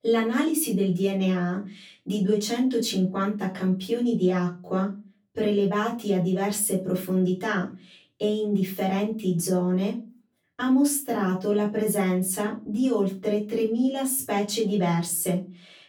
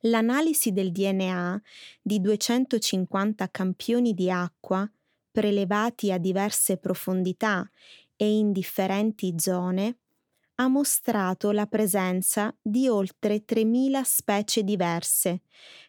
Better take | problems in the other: second | off-mic speech; far // room echo; very slight; dies away in 0.3 s

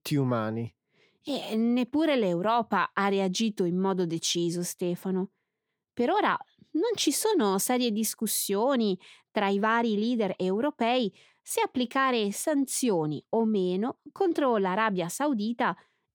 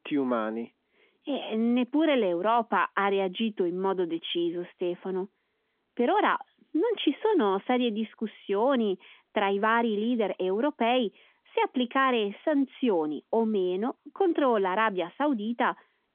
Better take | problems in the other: first | phone-call audio; nothing above 3.5 kHz

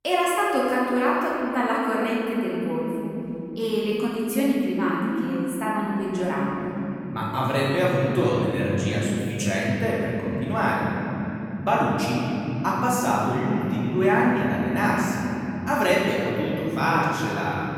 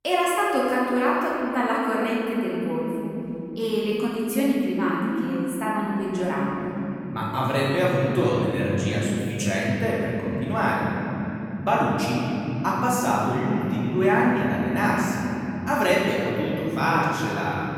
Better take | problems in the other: neither | room echo; strong; dies away in 3 s; the same in both // off-mic speech; far; the same in both

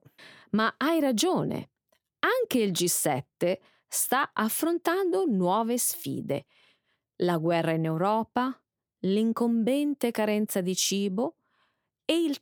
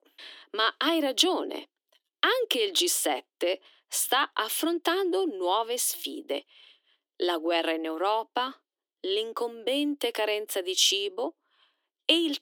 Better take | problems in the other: first | thin; somewhat; fading below 300 Hz

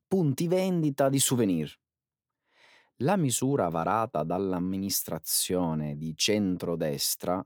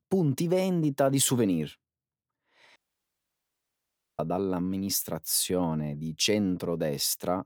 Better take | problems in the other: first | audio cutting out; at 3 s for 1.5 s

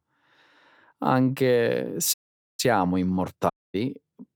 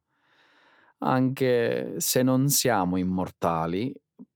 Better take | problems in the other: second | audio cutting out; at 2 s and at 3.5 s

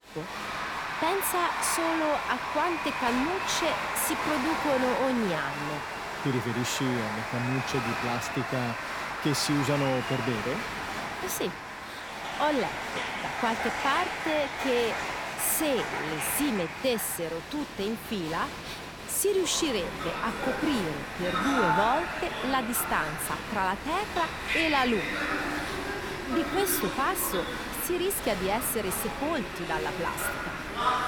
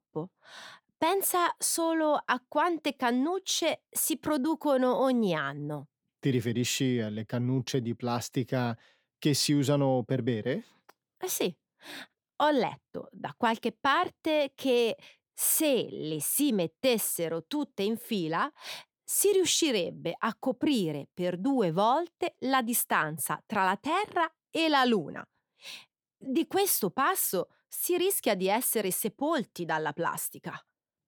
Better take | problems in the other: second | crowd noise; loud; throughout; 2 dB below the speech

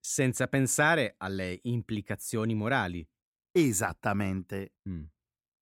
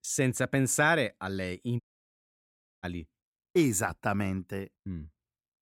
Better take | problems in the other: first | audio cutting out; at 2 s for 1 s

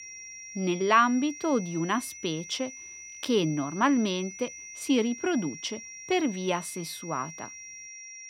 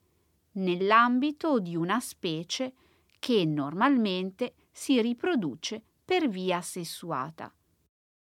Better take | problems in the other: second | high-pitched whine; noticeable; throughout; 5.5 kHz, 15 dB below the speech

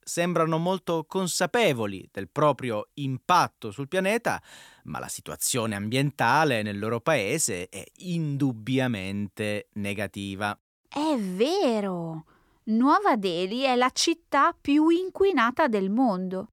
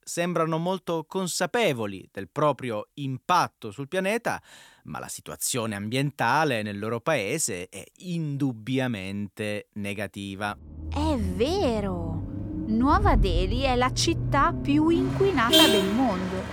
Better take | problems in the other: first | traffic noise; loud; from 11 s on; as loud as the speech

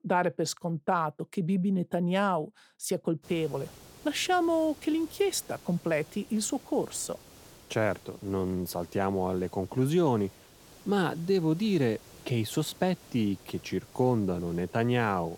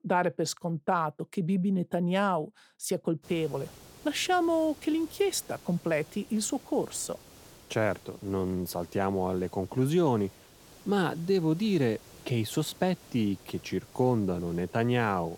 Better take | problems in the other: neither | hiss; faint; from 3 s on; 20 dB below the speech; the same in both

